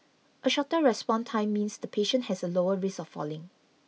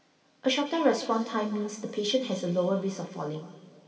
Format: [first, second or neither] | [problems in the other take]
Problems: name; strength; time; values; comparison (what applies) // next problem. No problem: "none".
first | room echo; dies away in 2.2 s